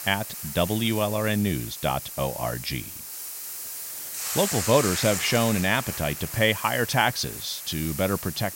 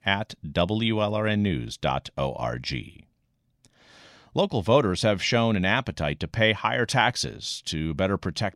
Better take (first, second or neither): second